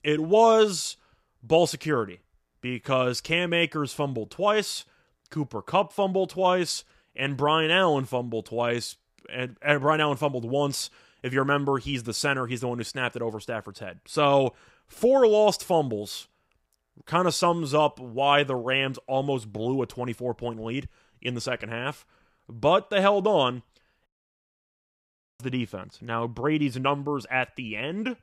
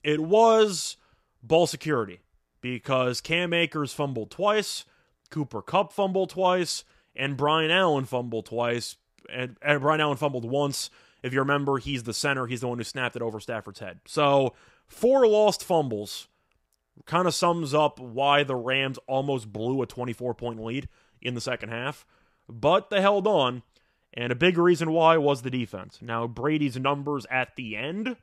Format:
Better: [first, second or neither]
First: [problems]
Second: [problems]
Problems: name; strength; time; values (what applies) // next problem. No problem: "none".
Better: second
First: audio cutting out; at 24 s for 1.5 s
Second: none